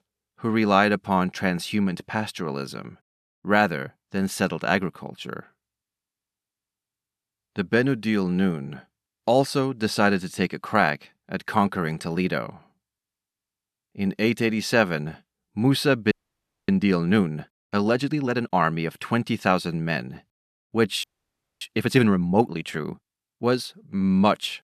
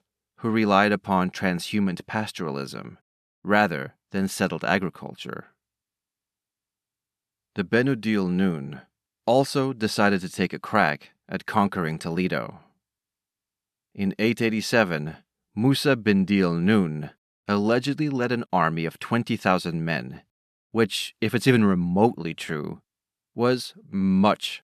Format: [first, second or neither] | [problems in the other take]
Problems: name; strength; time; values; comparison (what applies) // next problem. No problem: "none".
second | audio freezing; at 16 s for 0.5 s and at 21 s for 0.5 s